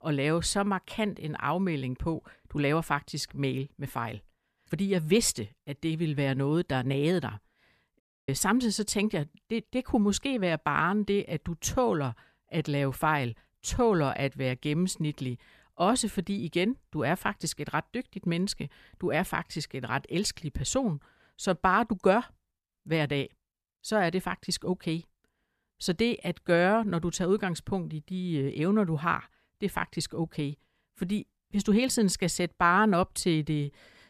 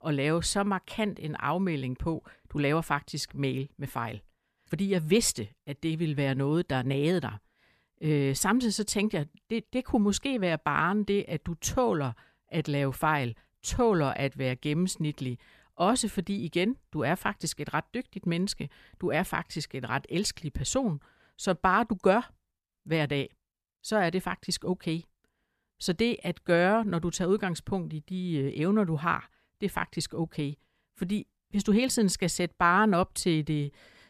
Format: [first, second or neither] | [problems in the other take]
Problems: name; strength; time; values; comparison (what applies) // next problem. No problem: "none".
second | audio cutting out; at 8 s